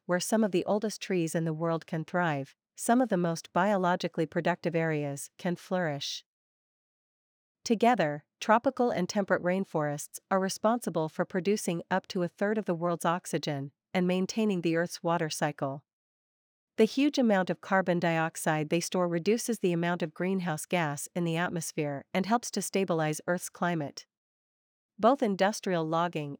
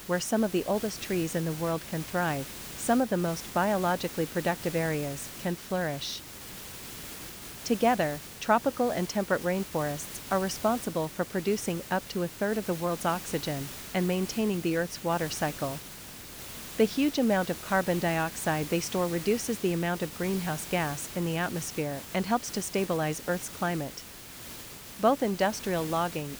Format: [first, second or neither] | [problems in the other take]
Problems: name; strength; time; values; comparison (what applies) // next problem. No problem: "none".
first | hiss; noticeable; throughout; 10 dB below the speech